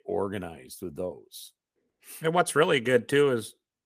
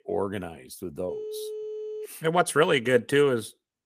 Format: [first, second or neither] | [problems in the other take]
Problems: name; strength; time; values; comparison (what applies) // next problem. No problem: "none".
first | phone ringing; faint; at 1 s; peak 10 dB below the speech